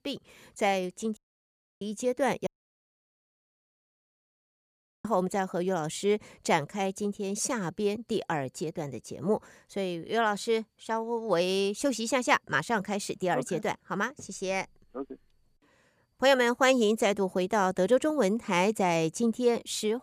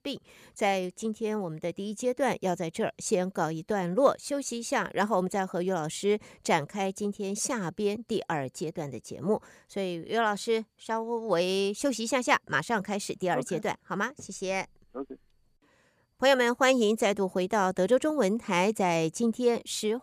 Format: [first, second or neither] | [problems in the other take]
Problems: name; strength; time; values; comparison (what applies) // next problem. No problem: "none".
second | audio cutting out; at 1 s for 0.5 s and at 2.5 s for 2.5 s